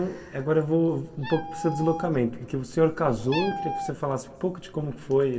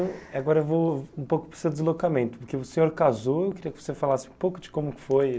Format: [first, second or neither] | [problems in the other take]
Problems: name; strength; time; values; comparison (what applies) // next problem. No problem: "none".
second | background sound (Meow); 9 dB below the speech // room echo; dies away in 1.3 s